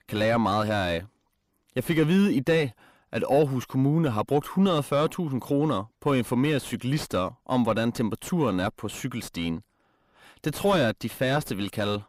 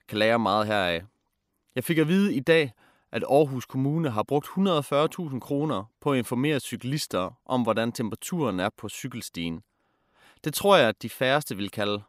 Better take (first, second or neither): second